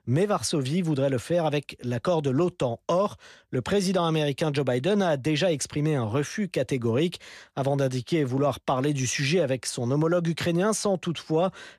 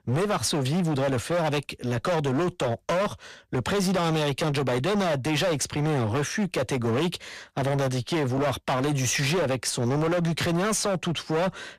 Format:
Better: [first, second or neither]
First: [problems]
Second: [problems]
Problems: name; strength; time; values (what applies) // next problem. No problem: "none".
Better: first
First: none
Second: distortion; heavy; 29% of the sound clipped